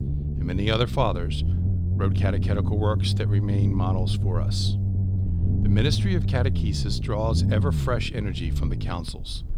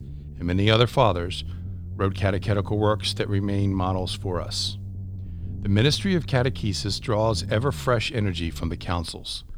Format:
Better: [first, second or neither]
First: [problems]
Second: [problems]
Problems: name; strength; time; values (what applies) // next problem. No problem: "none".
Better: second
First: low rumble; loud; throughout; 8 dB below the speech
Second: low rumble; faint; throughout; 25 dB below the speech